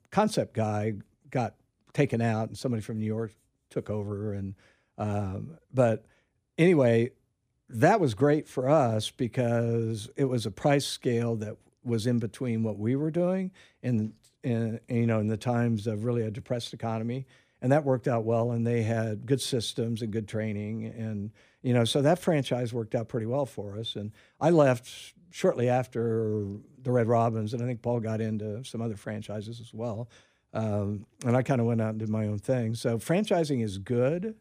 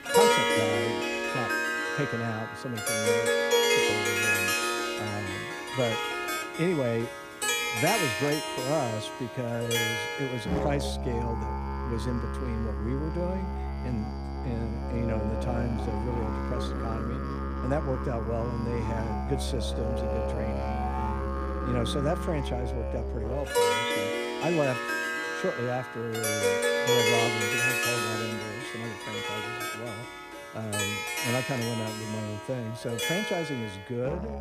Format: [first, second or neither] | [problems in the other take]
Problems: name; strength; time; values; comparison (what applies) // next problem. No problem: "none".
first | background music; very loud; throughout; 4 dB above the speech